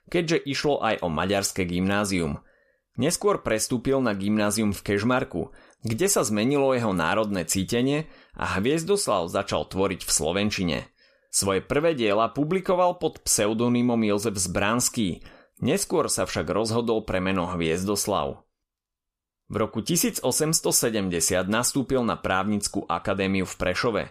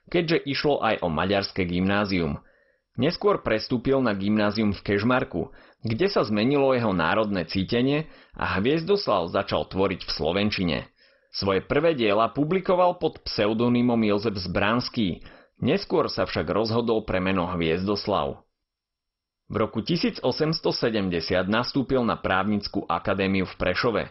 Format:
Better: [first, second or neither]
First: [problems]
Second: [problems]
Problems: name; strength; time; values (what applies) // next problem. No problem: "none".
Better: first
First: none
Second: garbled, watery; badly; nothing above 5.5 kHz